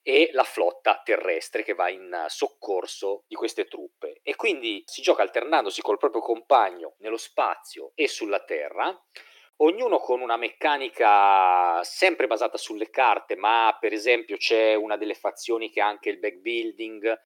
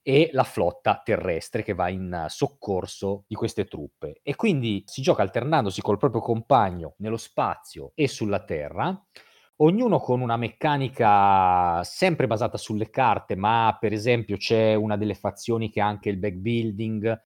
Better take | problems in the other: second | thin; very; fading below 350 Hz

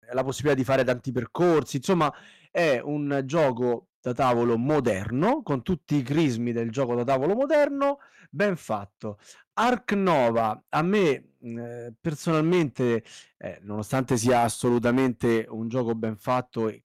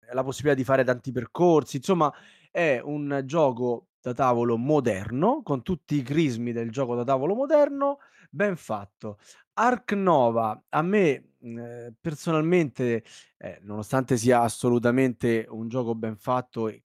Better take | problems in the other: second | distortion; slight; 6% of the sound clipped

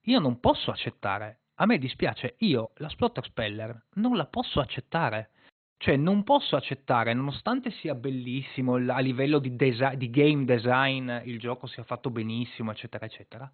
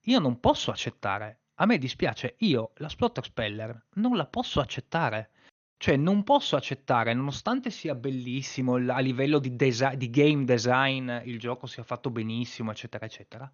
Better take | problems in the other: second | garbled, watery; badly; nothing above 4 kHz; slightly in the second

